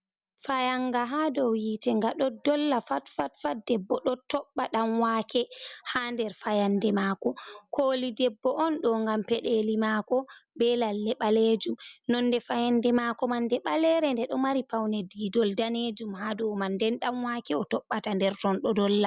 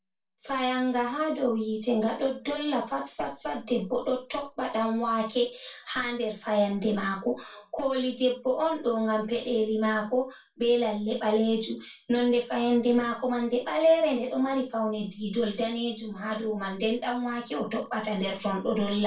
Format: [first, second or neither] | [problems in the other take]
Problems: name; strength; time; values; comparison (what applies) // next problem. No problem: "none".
first | room echo; dies away in 0.2 s